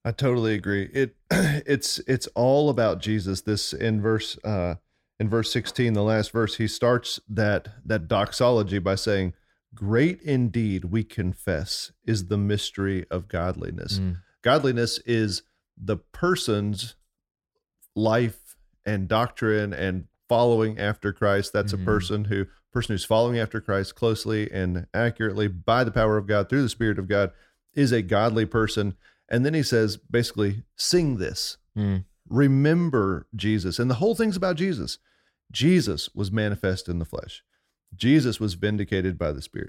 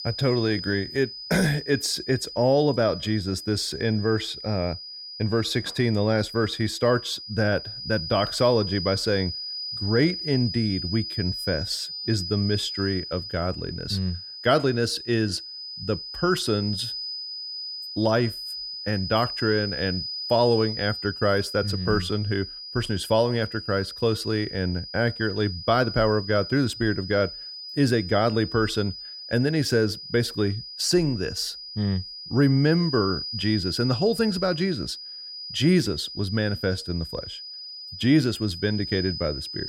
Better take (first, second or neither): first